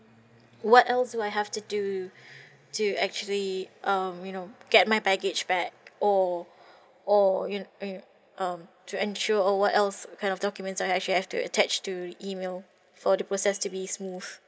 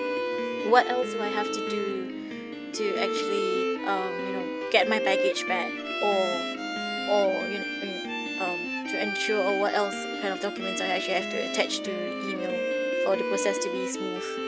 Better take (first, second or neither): first